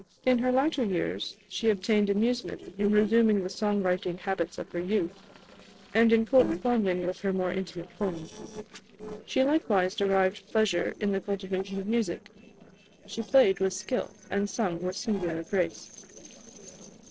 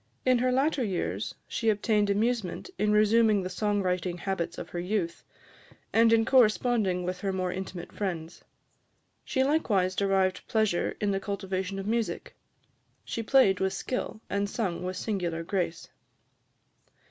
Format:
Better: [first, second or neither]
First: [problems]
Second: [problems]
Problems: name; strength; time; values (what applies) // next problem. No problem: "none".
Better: second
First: noise reduction (neural separator model SepFormer DNS4)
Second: none